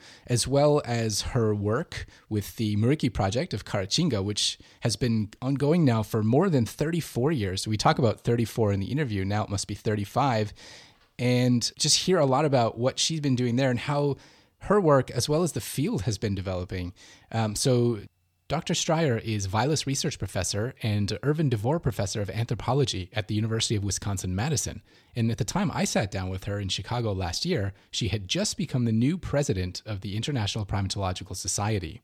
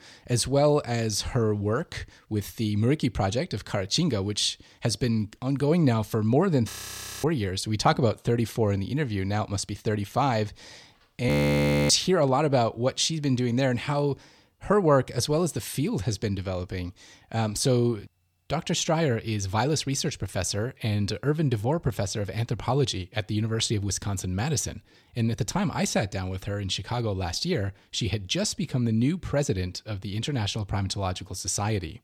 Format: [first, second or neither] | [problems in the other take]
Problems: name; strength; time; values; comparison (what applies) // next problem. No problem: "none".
first | audio freezing; at 6.5 s for 0.5 s and at 11 s for 0.5 s